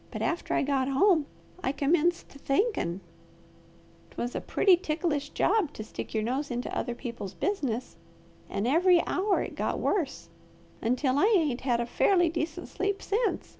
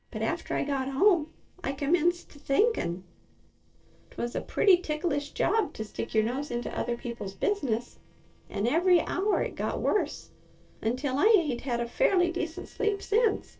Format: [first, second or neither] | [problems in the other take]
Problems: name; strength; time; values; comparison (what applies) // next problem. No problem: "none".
first | noise reduction (neural separator model SepFormer DNS4)